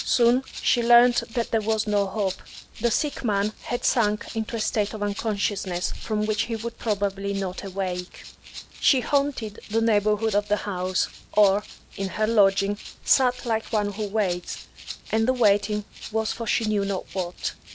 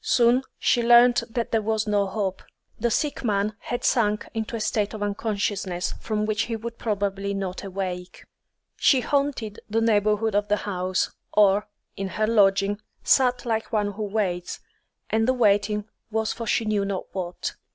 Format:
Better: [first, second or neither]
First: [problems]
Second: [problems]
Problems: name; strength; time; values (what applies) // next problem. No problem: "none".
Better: second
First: background sound (Rattle (instrument)); 16 dB below the speech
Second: none